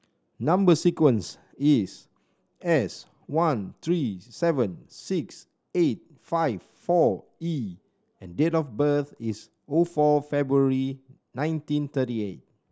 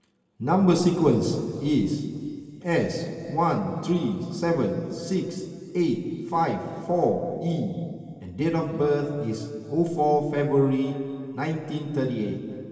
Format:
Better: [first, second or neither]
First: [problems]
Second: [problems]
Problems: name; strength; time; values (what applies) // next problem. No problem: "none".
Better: first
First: none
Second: room echo; dies away in 2.6 s